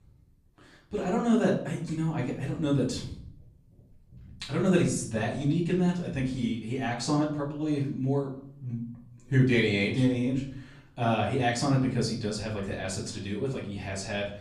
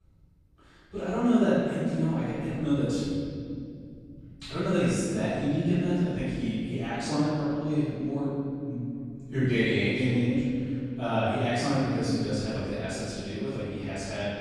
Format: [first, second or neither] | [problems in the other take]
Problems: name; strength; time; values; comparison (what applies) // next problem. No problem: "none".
first | room echo; strong; dies away in 2.4 s; slight in the first // off-mic speech; far; far in the first